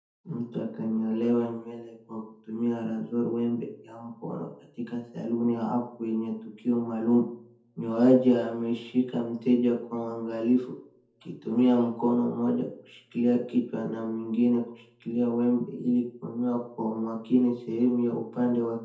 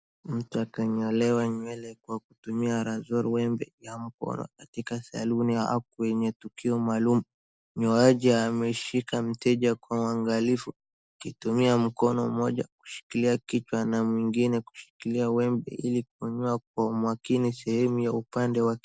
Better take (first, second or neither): second